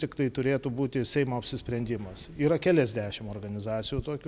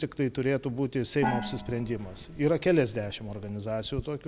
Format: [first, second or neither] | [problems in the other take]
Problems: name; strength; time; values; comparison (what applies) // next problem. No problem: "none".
first | background sound (Gong); 8 dB below the speech